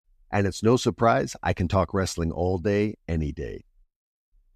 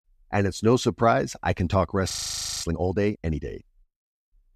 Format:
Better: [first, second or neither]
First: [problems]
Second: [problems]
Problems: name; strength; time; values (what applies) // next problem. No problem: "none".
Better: first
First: none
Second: audio freezing; at 2 s for 0.5 s